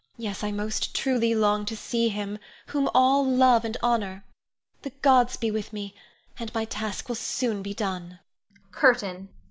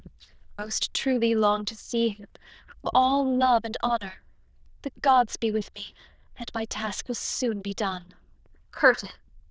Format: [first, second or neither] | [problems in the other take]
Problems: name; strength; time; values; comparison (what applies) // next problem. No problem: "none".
first | noise reduction (neural diffusion model UNIVERSE++)